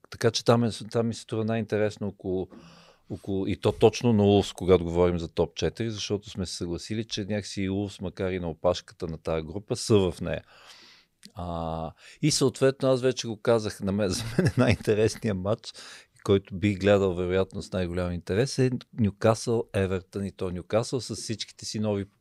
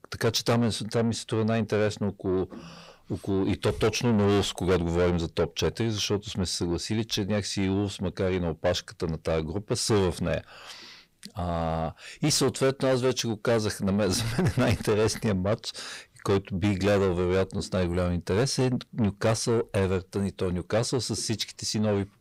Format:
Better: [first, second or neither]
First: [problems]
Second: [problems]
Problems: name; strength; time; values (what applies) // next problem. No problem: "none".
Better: first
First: none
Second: distortion; heavy; 7 dB below the speech